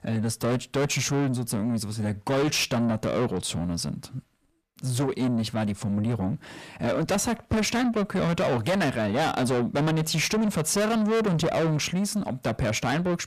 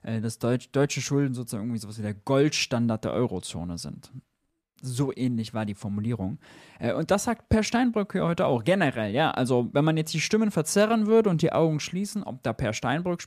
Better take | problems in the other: second | distortion; heavy; 6 dB below the speech

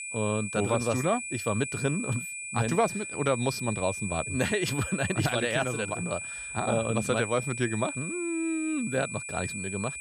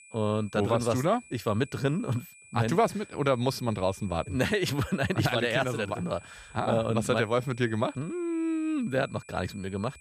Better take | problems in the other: second | high-pitched whine; loud; throughout; 2.5 kHz, 5 dB below the speech; faint in the second

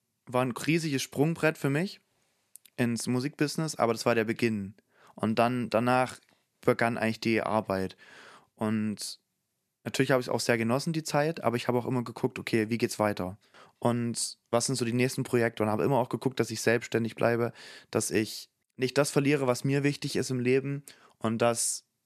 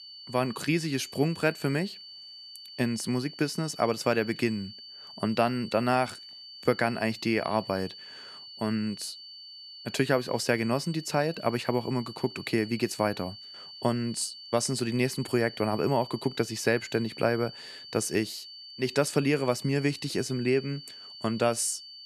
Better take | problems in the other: first | high-pitched whine; noticeable; throughout; 4.5 kHz, 15 dB below the speech

